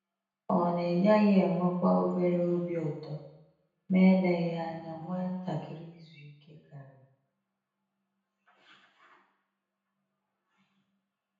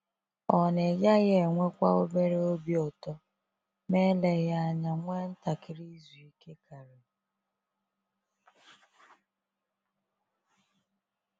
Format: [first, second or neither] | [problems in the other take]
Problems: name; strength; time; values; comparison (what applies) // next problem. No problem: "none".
second | room echo; dies away in 0.9 s